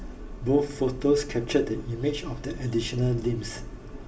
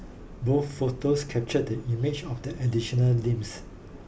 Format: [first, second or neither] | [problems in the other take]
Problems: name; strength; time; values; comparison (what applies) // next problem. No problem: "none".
second | room echo; dies away in 0.4 s